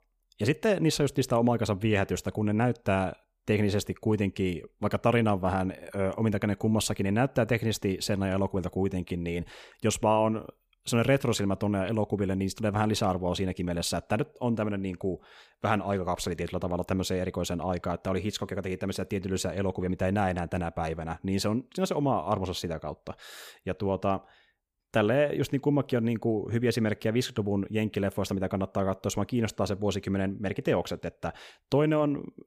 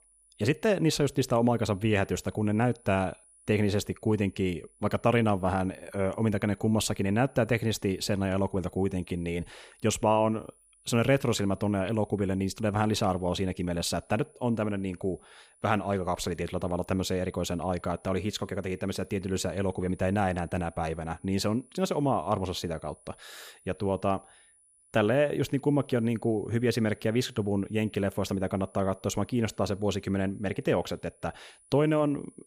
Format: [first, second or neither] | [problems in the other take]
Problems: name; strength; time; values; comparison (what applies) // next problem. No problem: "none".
first | high-pitched whine; faint; throughout; 10 kHz, 30 dB below the speech